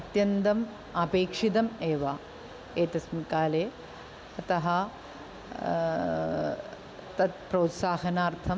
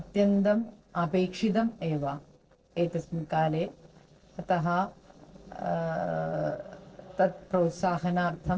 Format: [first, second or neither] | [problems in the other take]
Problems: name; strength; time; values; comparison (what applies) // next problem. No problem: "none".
first | noise reduction (neural separator model SepFormer DNS4)